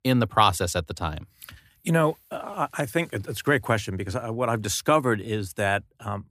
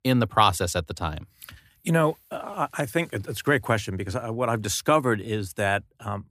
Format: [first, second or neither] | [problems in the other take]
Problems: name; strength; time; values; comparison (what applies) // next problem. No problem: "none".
neither | none